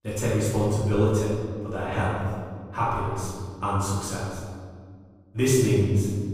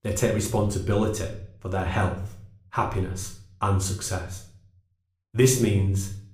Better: second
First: room echo; strong; dies away in 1.8 s // off-mic speech; far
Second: room echo; slight; dies away in 0.5 s // off-mic speech; somewhat distant

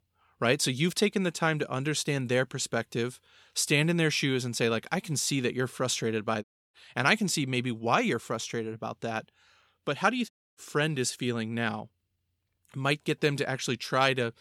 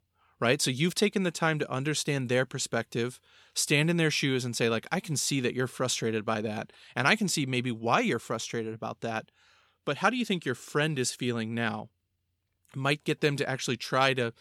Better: second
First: audio cutting out; at 6.5 s and at 10 s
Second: none

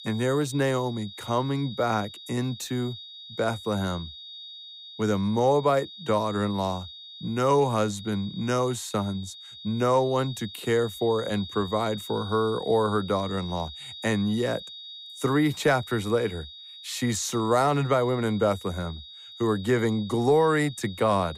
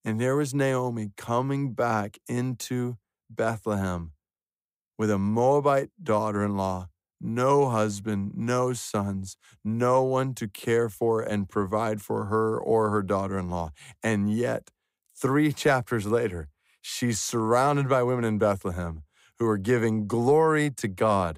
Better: second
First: high-pitched whine; noticeable; throughout; 3.5 kHz, 15 dB below the speech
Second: none

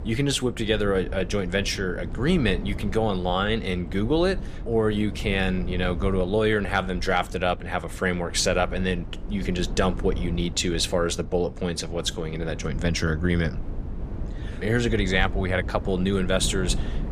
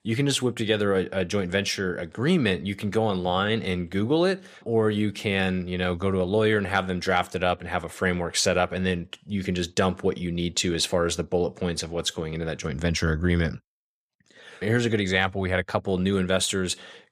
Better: second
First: wind noise on the microphone; occasional gusts; 20 dB below the speech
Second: none

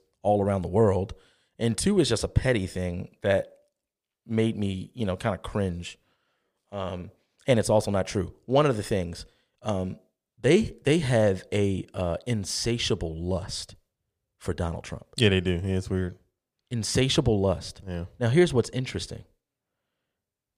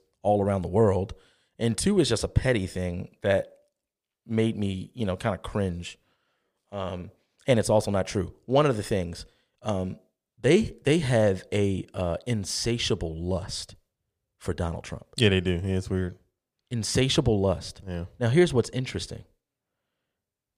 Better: neither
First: none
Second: none

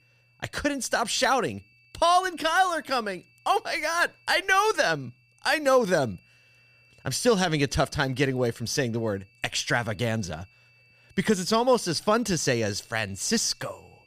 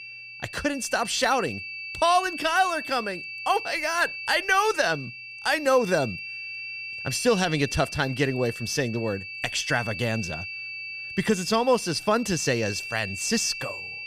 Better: first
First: high-pitched whine; faint; throughout; 2.5 kHz, 35 dB below the speech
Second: high-pitched whine; loud; throughout; 2.5 kHz, 9 dB below the speech

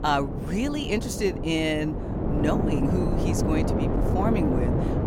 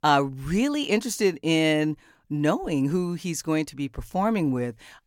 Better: second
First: wind noise on the microphone; heavy; 2 dB below the speech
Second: none

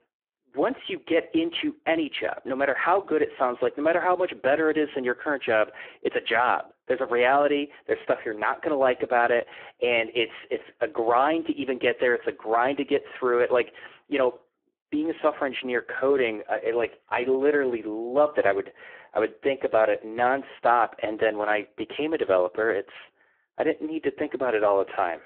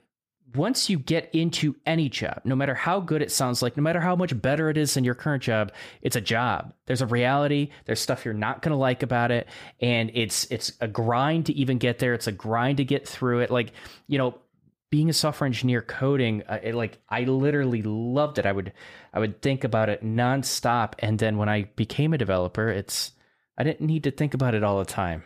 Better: second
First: phone-call audio; poor line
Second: none

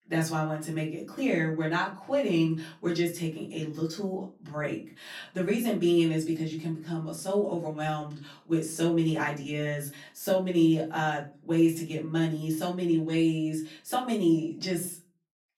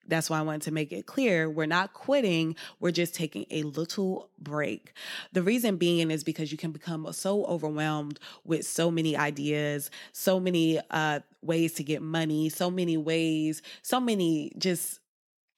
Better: second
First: room echo; slight; dies away in 0.3 s // off-mic speech; far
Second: none

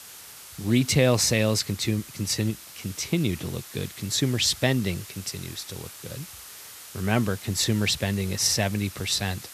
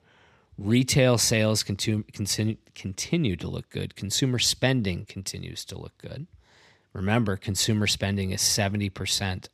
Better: second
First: hiss; noticeable; throughout; 15 dB below the speech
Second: none

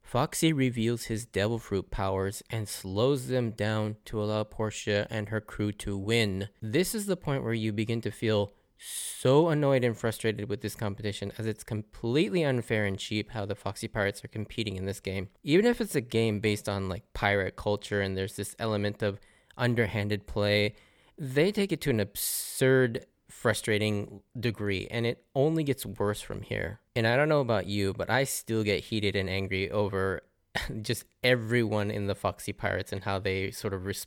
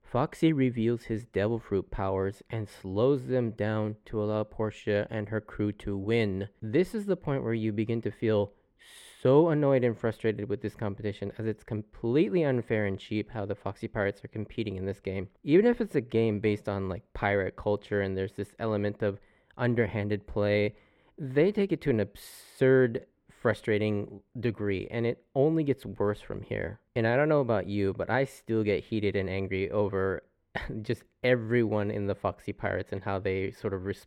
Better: first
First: none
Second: muffled; slightly; fading above 3.5 kHz

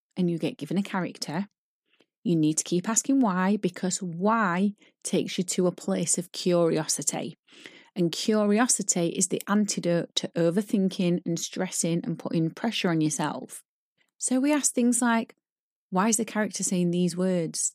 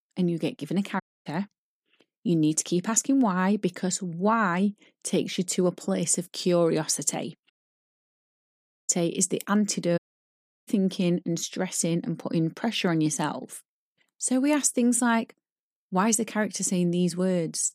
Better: first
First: none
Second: audio cutting out; at 1 s, at 7.5 s for 1.5 s and at 10 s for 0.5 s

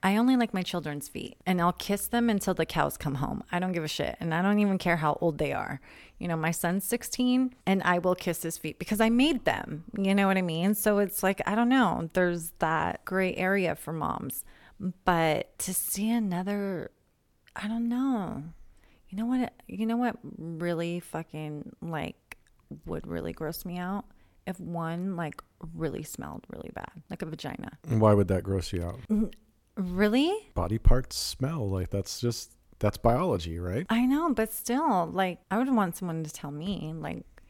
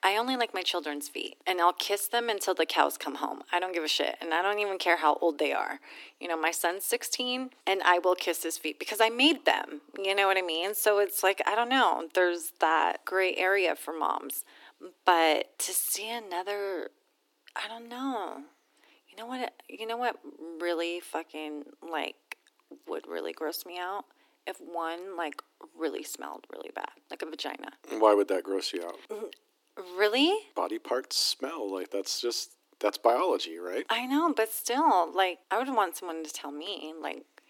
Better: first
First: none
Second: thin; somewhat; fading below 300 Hz

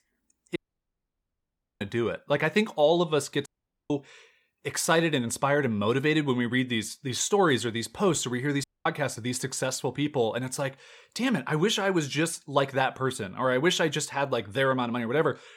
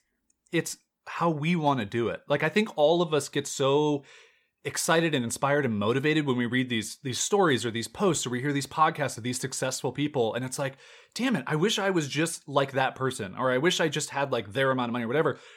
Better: second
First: audio cutting out; at 0.5 s for 1 s, at 3.5 s and at 8.5 s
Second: none

